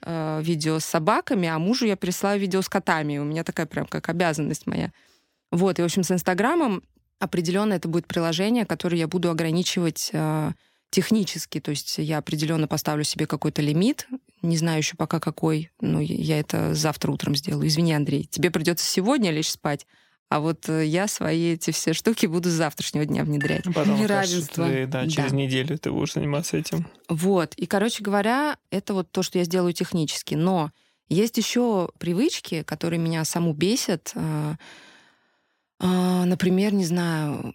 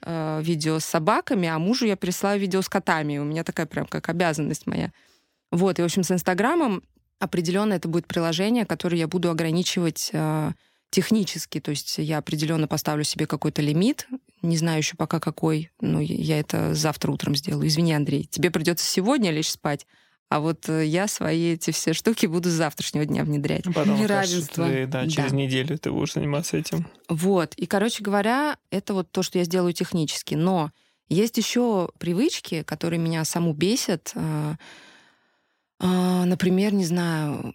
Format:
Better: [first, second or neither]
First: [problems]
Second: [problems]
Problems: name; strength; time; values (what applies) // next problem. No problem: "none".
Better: second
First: clattering dishes; noticeable; at 23 s; peak 8 dB below the speech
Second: none